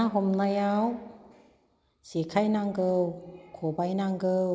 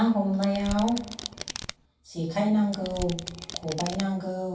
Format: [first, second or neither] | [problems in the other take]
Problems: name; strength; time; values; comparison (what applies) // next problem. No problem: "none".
first | background sound (Domestic sounds, home sounds); 10 dB below the speech // room echo; dies away in 0.2 s